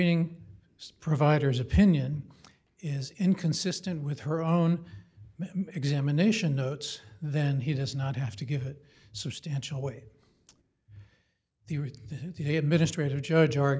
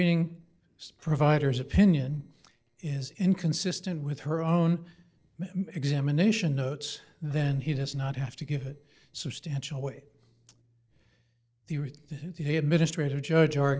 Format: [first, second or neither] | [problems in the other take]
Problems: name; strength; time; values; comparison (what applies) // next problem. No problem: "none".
first | noise reduction (neural separator model SepFormer DNS4)